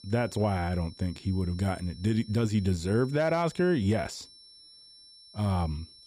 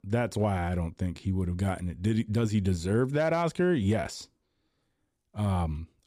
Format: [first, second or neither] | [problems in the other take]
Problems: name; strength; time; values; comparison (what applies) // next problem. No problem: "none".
second | high-pitched whine; faint; throughout; 5.5 kHz, 20 dB below the speech